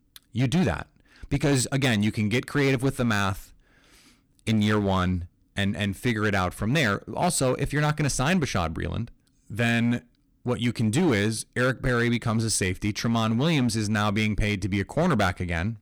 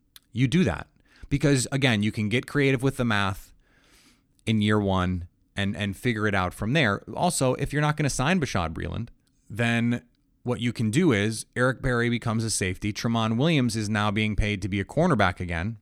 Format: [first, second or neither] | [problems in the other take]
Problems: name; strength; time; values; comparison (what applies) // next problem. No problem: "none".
second | distortion; slight; 7% of the sound clipped